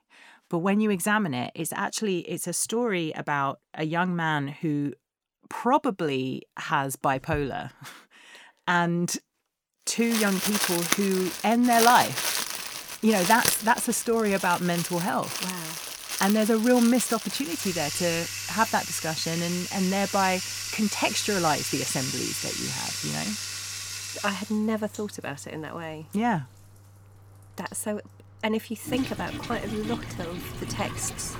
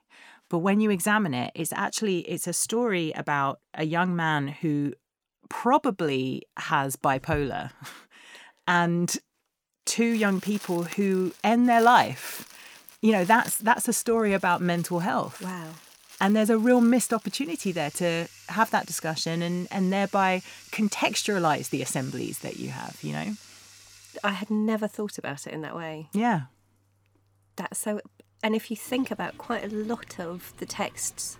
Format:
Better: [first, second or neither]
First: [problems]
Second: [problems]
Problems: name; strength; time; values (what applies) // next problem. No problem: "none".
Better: second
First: household noises; loud; from 10 s on; 3 dB below the speech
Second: household noises; faint; from 10 s on; 20 dB below the speech